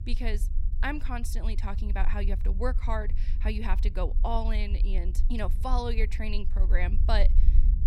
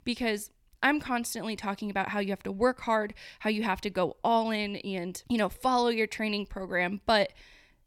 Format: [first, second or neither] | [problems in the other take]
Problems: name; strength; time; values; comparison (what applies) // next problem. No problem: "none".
second | low rumble; noticeable; throughout; 15 dB below the speech